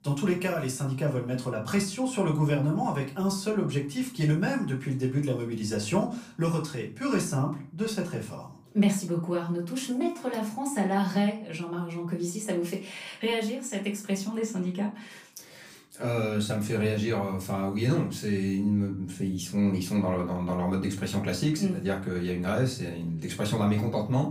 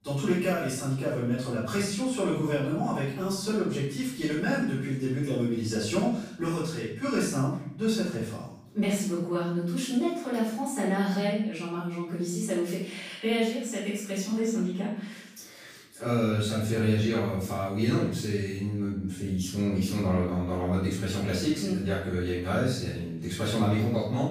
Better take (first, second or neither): first